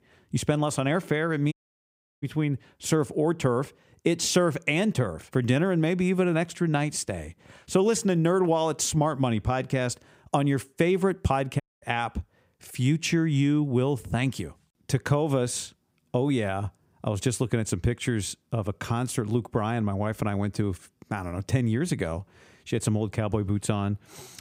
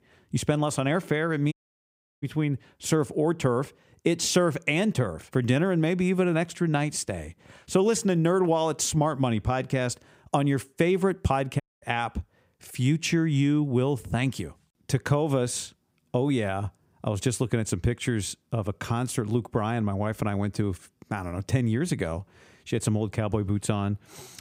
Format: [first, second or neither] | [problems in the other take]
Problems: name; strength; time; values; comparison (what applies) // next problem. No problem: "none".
neither | audio cutting out; at 1.5 s for 0.5 s and at 12 s; the same in both